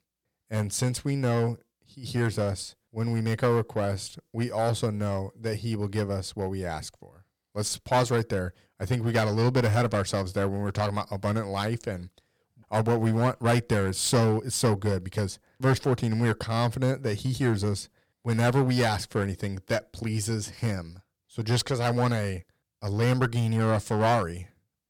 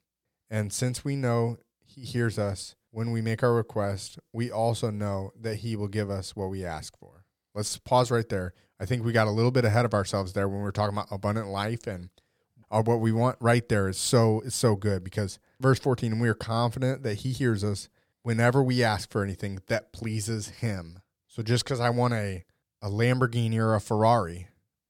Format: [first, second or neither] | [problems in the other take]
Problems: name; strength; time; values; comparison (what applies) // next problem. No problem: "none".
second | distortion; slight; 5% of the sound clipped